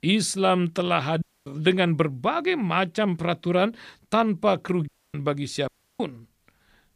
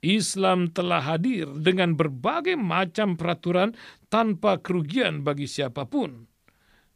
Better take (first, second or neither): second